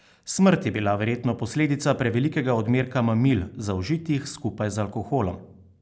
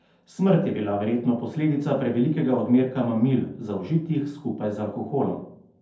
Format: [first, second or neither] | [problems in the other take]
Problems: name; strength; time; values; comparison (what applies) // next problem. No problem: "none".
first | room echo; dies away in 0.5 s